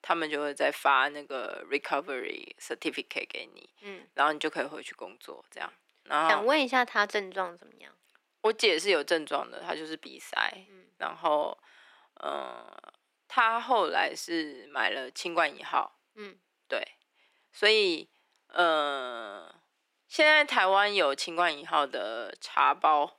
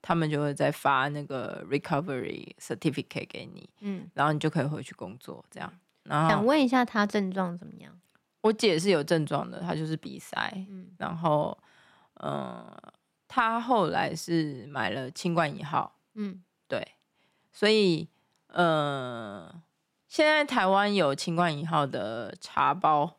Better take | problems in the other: second | thin; somewhat; fading below 350 Hz

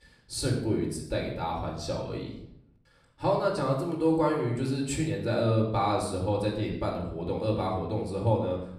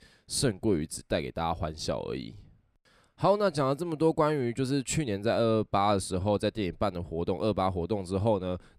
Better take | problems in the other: second | off-mic speech; far // room echo; noticeable; dies away in 0.6 s

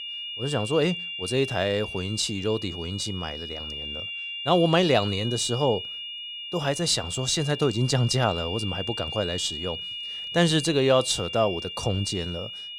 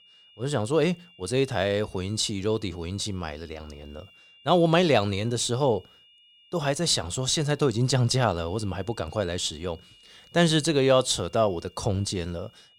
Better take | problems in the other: second | high-pitched whine; loud; throughout; 3 kHz, 7 dB below the speech; faint in the second

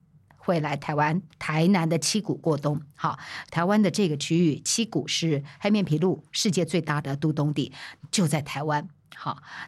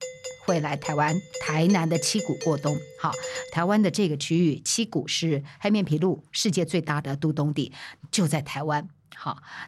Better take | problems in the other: first | doorbell; noticeable; until 3.5 s; peak 8 dB below the speech

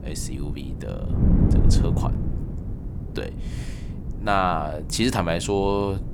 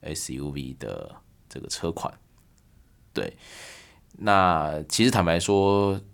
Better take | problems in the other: second | wind noise on the microphone; occasional gusts; 10 dB below the speech

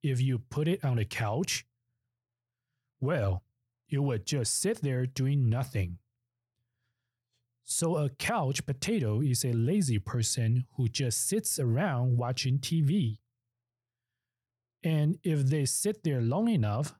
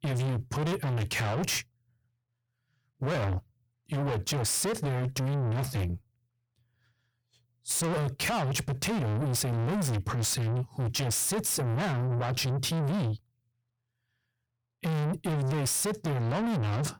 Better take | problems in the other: first | distortion; heavy; 6 dB below the speech

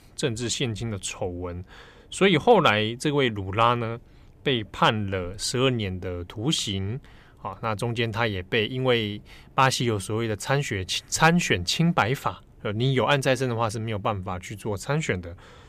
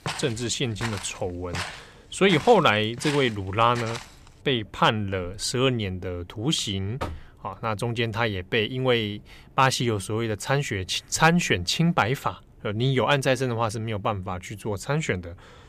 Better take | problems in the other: first | footsteps; noticeable; until 4 s; peak 8 dB below the speech // door banging; faint; at 7 s; peak 10 dB below the speech

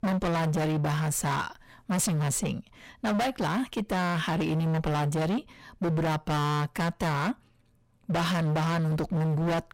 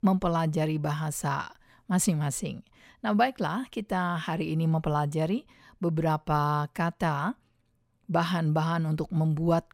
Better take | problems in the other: second | distortion; heavy; 35% of the sound clipped

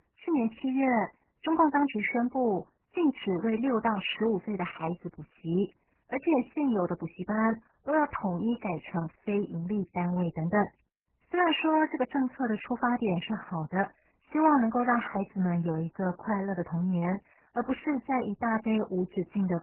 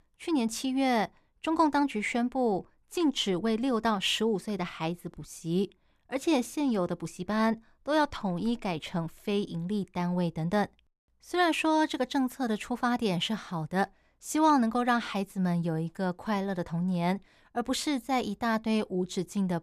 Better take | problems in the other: second | garbled, watery; badly; nothing above 3 kHz

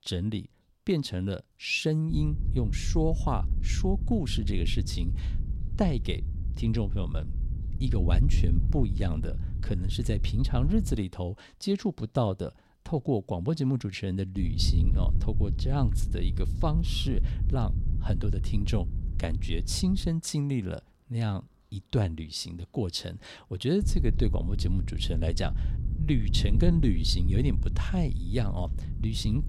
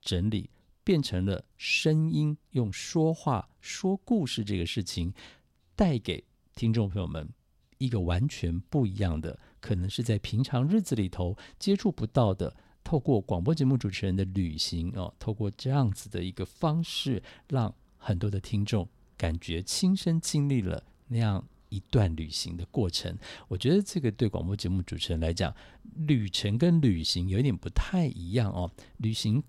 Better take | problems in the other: second | wind noise on the microphone; occasional gusts; from 2 to 11 s, from 14 to 20 s and from 24 s on; 10 dB below the speech

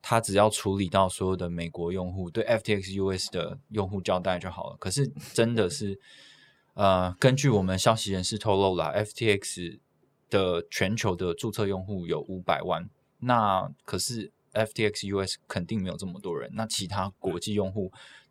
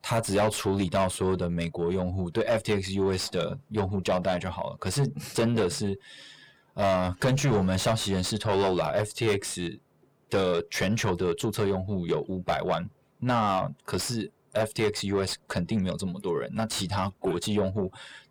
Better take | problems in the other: first | distortion; heavy; 6 dB below the speech

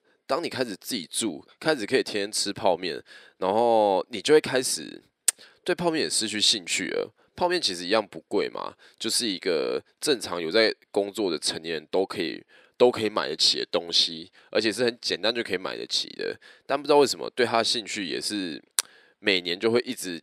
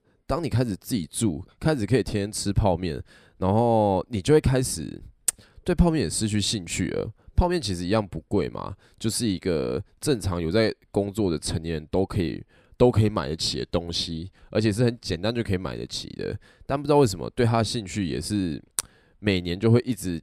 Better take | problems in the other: second | thin; somewhat; fading below 400 Hz

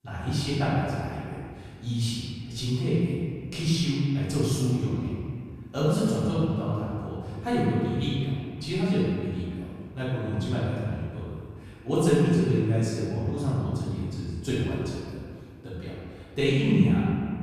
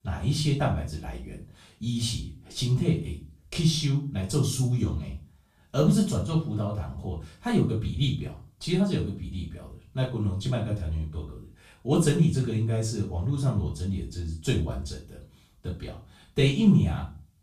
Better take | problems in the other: second | room echo; strong; dies away in 2.1 s; slight in the second // off-mic speech; far; far in the second

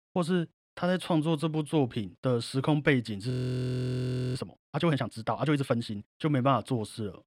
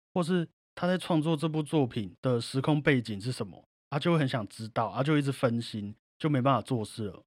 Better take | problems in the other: second | audio freezing; at 3.5 s for 1 s

